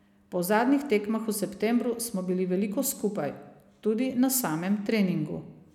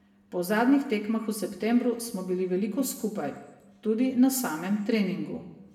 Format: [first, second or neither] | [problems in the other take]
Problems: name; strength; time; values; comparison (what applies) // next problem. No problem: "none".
first | room echo; dies away in 0.8 s